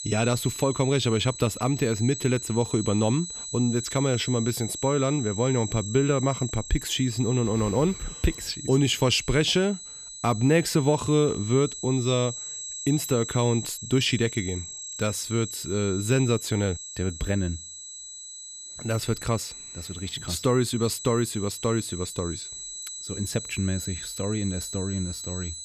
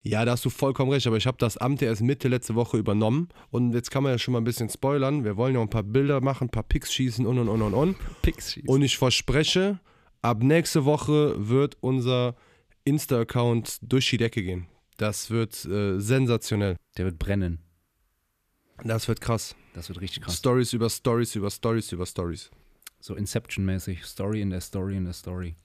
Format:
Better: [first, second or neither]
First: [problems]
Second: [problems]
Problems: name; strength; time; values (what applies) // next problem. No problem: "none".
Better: second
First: high-pitched whine; loud; throughout; 7.5 kHz, 9 dB below the speech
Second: none